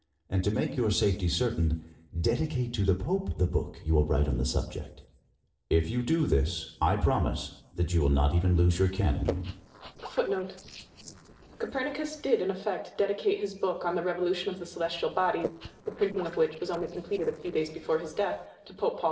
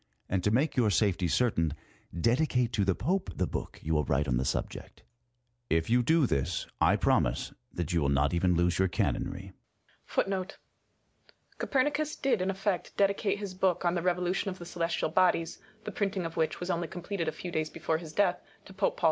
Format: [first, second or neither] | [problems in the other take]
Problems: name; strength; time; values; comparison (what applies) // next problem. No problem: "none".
second | noise reduction (neural separator model SepFormer DNS4)